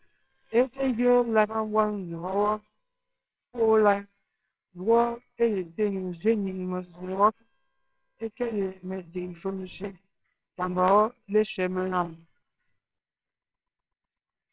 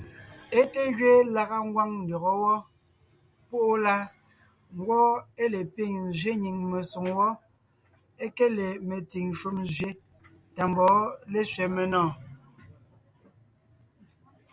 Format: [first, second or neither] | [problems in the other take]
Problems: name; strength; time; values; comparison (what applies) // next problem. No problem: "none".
second | noise reduction (neural separator model SepFormer WHAMR!)